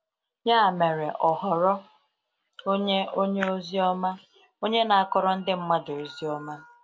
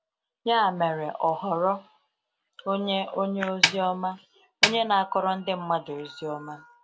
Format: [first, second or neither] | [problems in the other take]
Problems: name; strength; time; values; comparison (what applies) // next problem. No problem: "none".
first | background sound (Snare drum); as loud as the speech